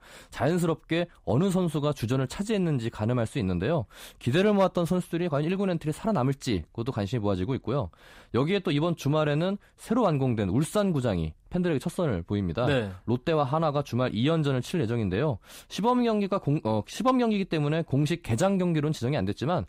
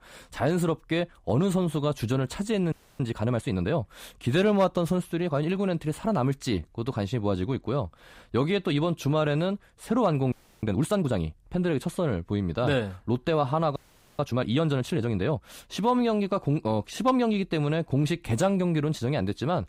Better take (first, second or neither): first